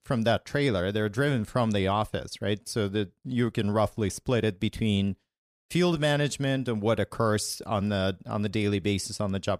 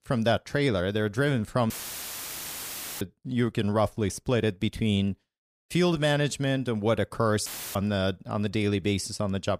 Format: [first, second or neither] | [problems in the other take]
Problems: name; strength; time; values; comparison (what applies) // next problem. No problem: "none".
first | audio cutting out; filled with static; at 1.5 s for 1.5 s and at 7.5 s